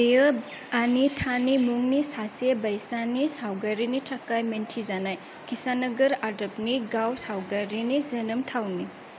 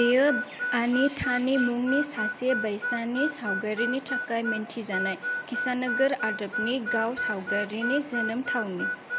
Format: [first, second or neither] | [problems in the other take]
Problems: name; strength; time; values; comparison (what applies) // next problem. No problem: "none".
first | background sound (Harmonica); 4 dB below the speech